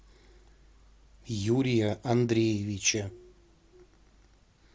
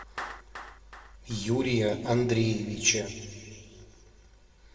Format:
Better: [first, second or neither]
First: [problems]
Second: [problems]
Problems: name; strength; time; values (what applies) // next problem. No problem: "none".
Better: first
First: none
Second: background sound (Clapping); 18 dB below the speech // room echo; dies away in 1.9 s